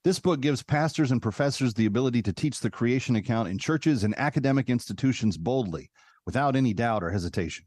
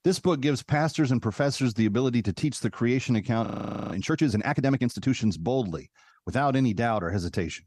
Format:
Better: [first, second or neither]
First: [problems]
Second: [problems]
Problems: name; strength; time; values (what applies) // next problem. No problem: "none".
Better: first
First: none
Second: audio freezing; at 3.5 s